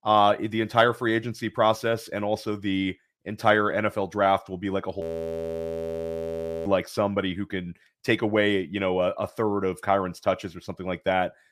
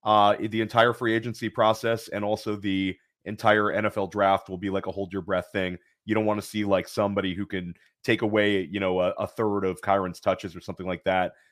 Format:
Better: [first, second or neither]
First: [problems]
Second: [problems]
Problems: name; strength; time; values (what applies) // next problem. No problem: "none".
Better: second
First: audio freezing; at 5 s for 1.5 s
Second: none